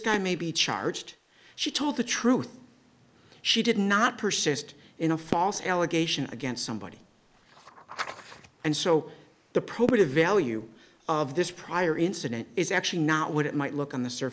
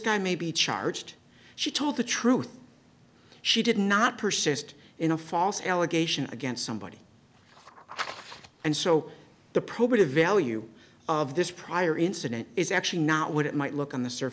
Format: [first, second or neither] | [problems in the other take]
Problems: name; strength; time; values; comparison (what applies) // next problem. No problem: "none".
second | noise reduction (neural mask model Resemble Enhance denoiser)